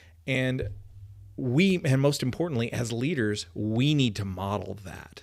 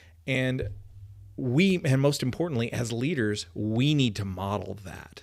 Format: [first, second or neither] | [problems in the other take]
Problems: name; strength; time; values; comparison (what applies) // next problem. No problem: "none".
neither | none